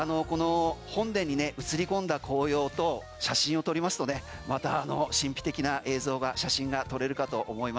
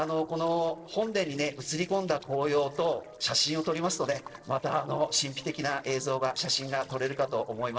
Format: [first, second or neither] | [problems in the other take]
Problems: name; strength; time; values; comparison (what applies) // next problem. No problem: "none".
first | noise reduction (neural separator model SepFormer DNS4)